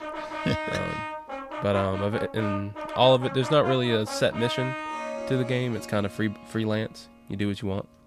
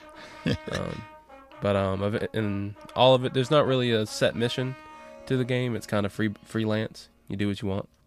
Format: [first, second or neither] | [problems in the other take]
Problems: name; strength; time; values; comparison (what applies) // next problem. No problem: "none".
second | background music; loud; throughout; 7 dB below the speech; faint in the second